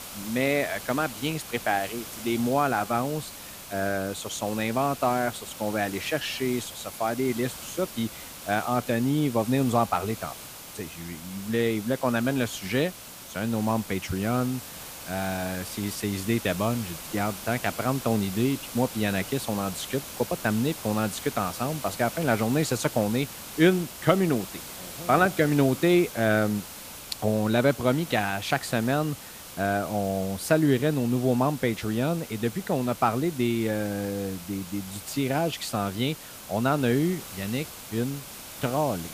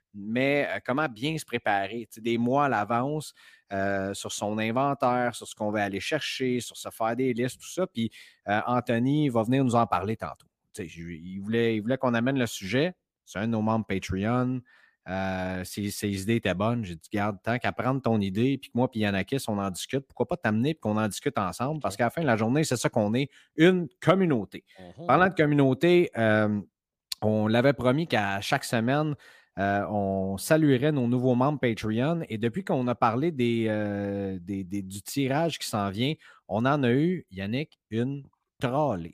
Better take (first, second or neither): second